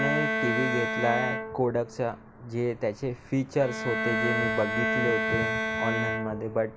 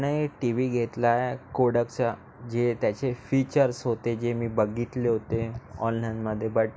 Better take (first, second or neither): second